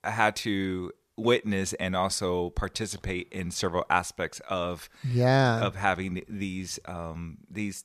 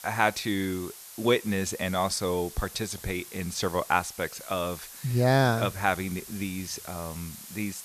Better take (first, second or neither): first